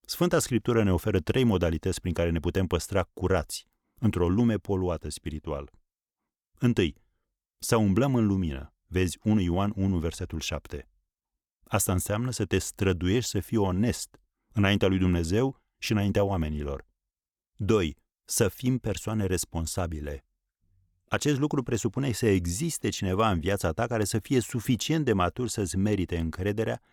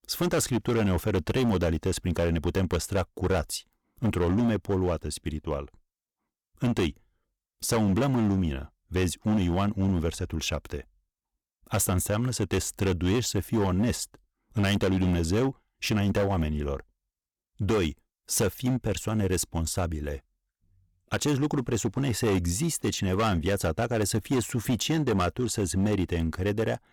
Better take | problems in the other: first | distortion; slight; 11% of the sound clipped

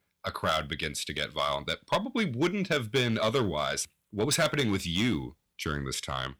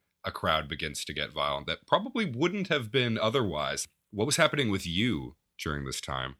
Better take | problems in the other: second | distortion; slight; 3% of the sound clipped

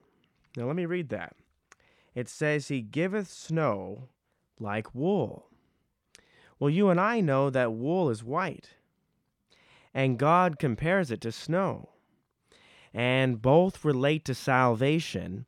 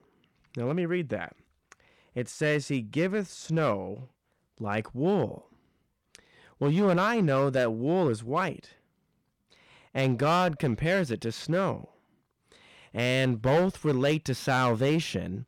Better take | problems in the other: first | distortion; slight; 5% of the sound clipped

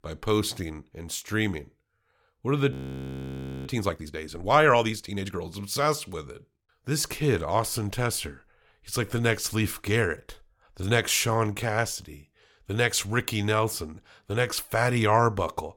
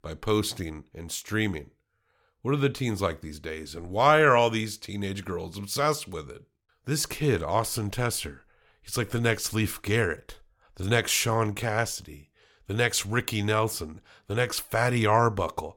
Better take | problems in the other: second | audio freezing; at 2.5 s for 1 s

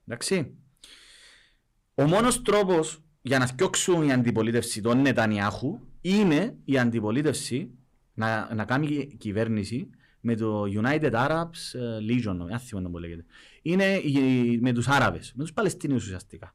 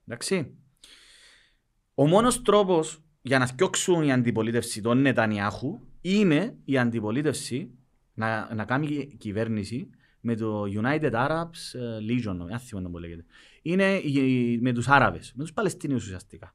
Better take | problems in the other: second | distortion; slight; 4% of the sound clipped

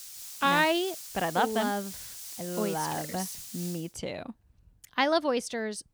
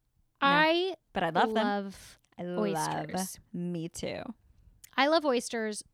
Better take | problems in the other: second | hiss; noticeable; until 4 s; 10 dB below the speech

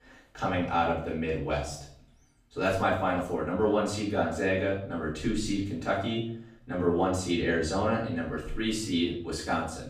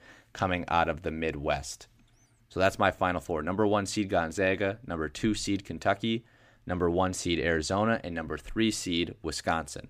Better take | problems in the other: second | off-mic speech; far // room echo; noticeable; dies away in 0.5 s

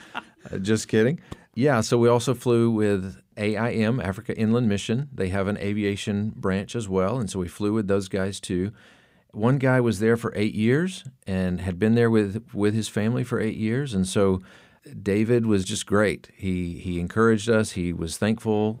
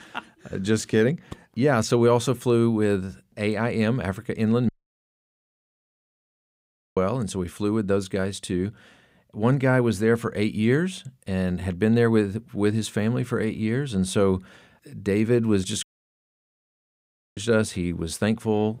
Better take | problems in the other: first | audio cutting out; at 4.5 s for 2.5 s and at 16 s for 1.5 s

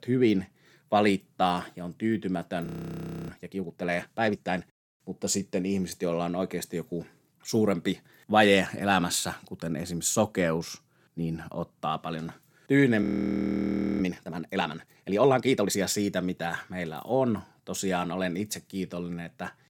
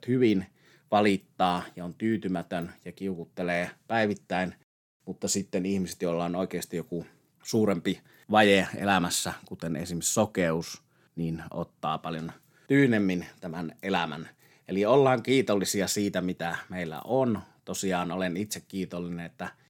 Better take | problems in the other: second | audio freezing; at 2.5 s for 0.5 s and at 13 s for 1 s

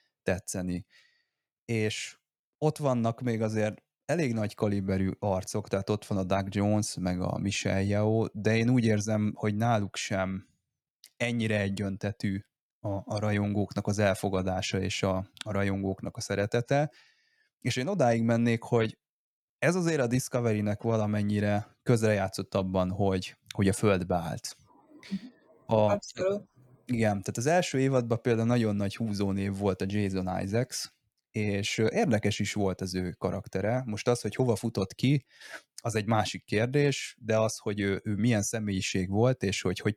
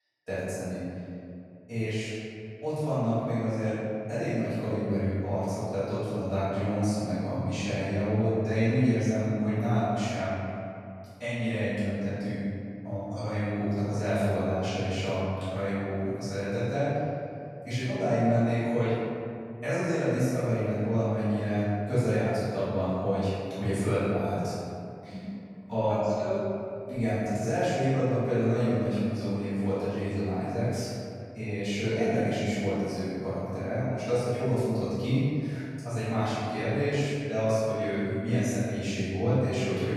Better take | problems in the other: first | room echo; strong; dies away in 2.3 s // off-mic speech; far

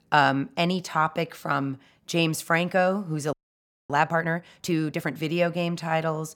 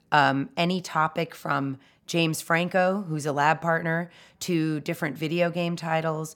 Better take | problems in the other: second | audio freezing; at 3.5 s for 0.5 s

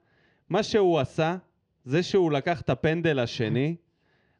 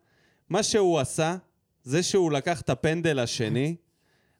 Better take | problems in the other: second | muffled; slightly; fading above 4 kHz

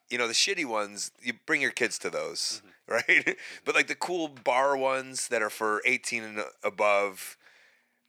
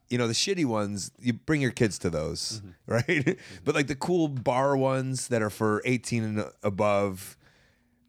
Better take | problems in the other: second | thin; somewhat; fading below 500 Hz

